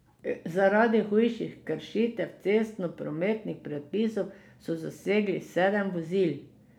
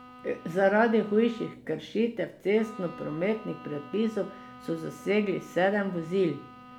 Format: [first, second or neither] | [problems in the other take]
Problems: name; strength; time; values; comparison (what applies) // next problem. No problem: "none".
first | background sound (Bowed string instrument); 19 dB below the speech